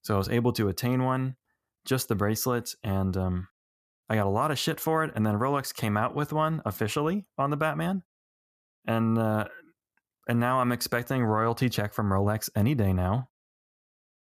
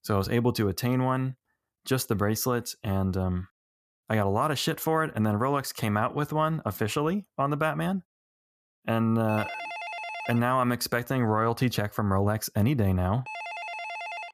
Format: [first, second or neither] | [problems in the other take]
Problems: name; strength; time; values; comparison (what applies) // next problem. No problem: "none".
first | phone ringing; noticeable; from 9.5 s on; peak 7 dB below the speech